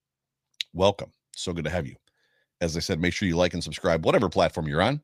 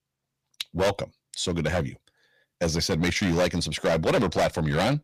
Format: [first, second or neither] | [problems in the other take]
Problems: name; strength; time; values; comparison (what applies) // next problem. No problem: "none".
first | distortion; heavy; 9% of the sound clipped